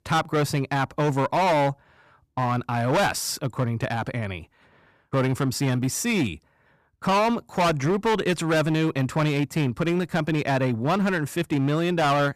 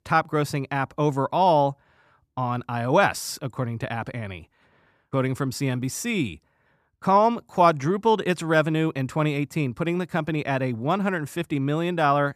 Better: second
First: distortion; heavy; 13% of the sound clipped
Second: none

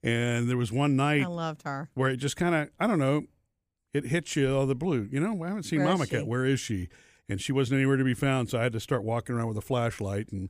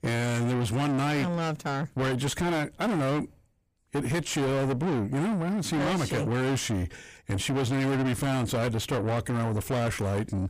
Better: first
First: none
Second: distortion; heavy; 6 dB below the speech

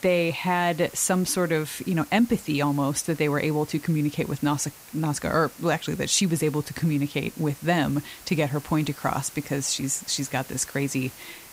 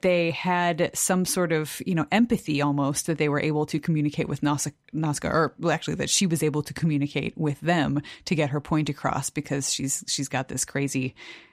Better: second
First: hiss; noticeable; throughout; 20 dB below the speech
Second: none

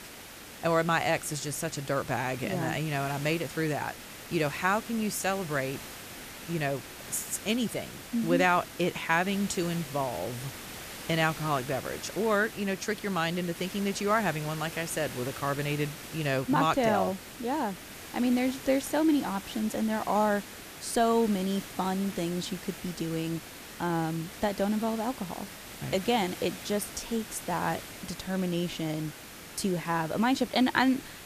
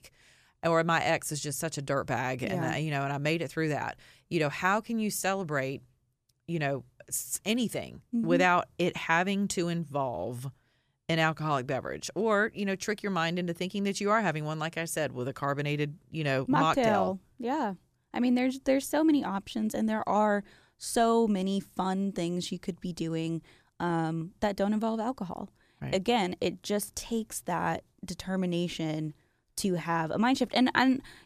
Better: second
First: hiss; noticeable; throughout; 10 dB below the speech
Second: none

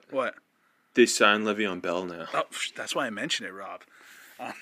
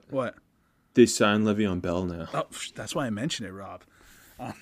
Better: second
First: thin; somewhat; fading below 300 Hz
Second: none

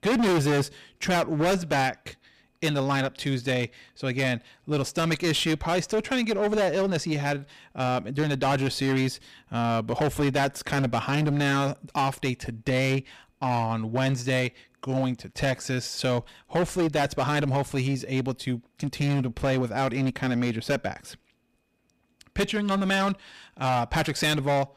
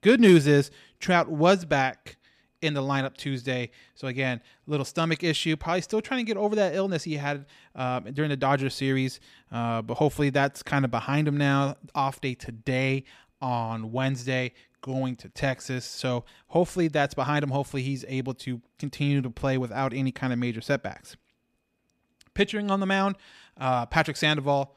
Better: second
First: distortion; heavy; 15% of the sound clipped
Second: none

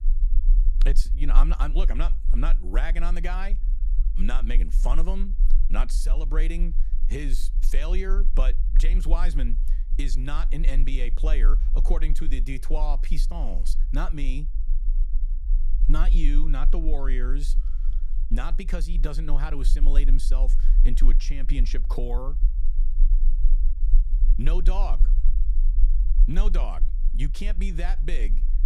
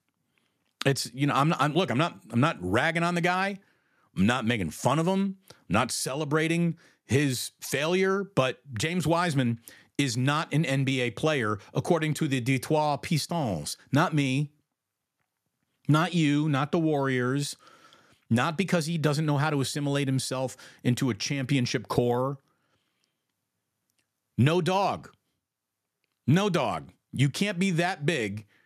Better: second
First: low rumble; noticeable; throughout; 15 dB below the speech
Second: none

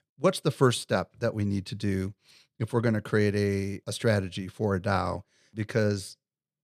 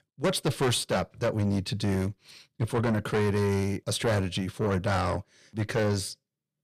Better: first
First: none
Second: distortion; heavy; 6 dB below the speech

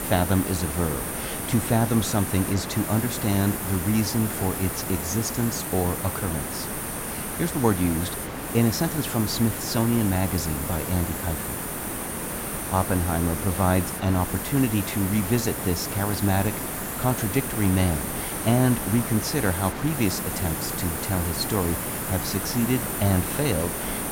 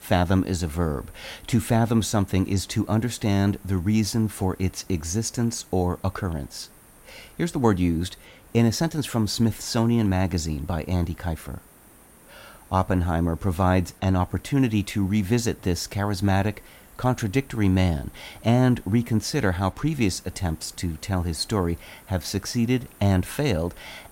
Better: second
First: hiss; loud; throughout; 3 dB below the speech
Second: hiss; faint; throughout; 25 dB below the speech

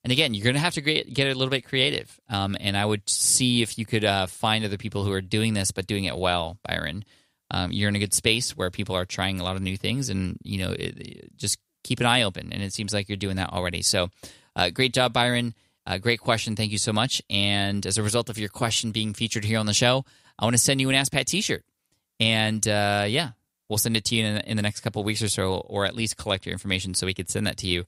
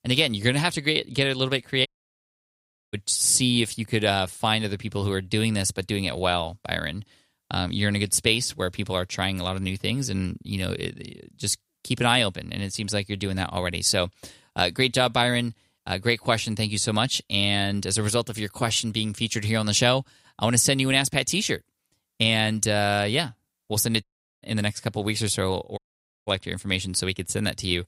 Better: first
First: none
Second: audio cutting out; at 2 s for 1 s, at 24 s and at 26 s

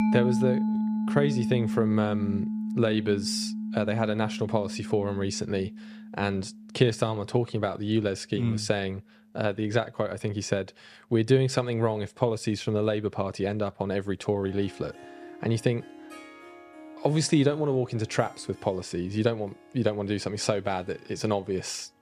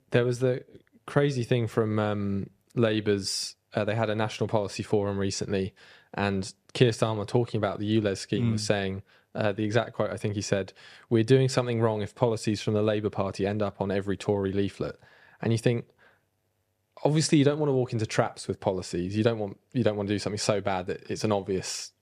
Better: second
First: background music; loud; throughout; 4 dB below the speech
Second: none

